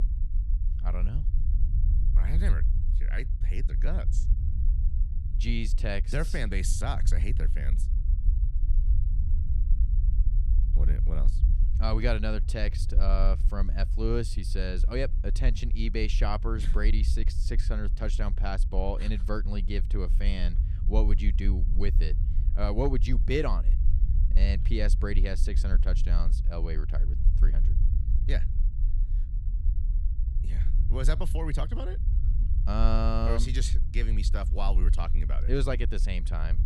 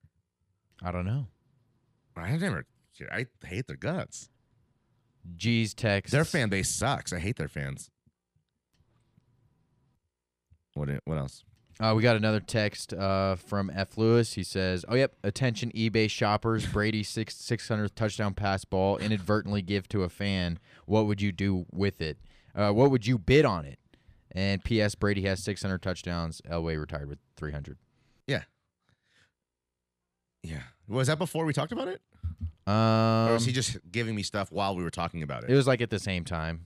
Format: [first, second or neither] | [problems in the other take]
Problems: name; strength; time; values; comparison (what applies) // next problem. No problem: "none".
second | low rumble; noticeable; throughout; 15 dB below the speech